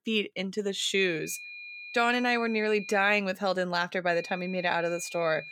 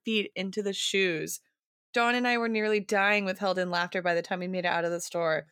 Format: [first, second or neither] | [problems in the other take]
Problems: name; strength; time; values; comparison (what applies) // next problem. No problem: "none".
second | high-pitched whine; noticeable; from 1 to 3 s and from 4 s on; 2.5 kHz, 15 dB below the speech